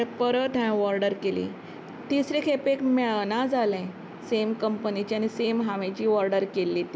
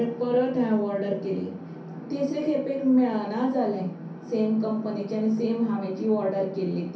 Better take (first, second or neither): first